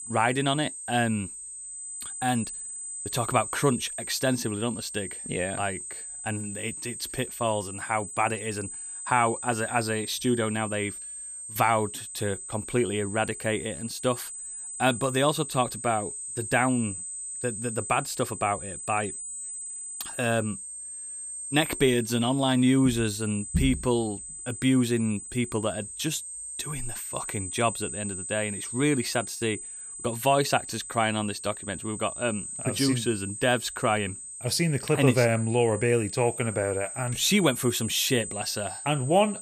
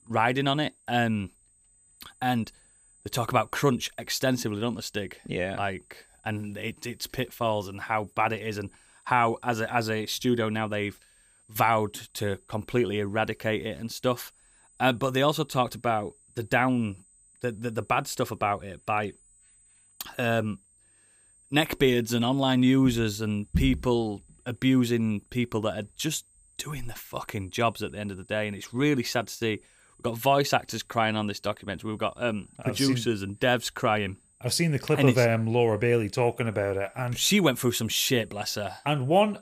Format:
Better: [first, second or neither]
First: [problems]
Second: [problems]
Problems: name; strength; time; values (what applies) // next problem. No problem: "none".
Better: second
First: high-pitched whine; loud; throughout; 8 kHz, 8 dB below the speech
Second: high-pitched whine; faint; throughout; 8 kHz, 30 dB below the speech